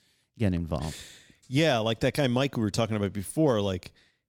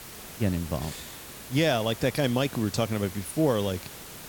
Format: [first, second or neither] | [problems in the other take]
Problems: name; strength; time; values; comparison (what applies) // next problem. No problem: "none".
first | hiss; noticeable; throughout; 15 dB below the speech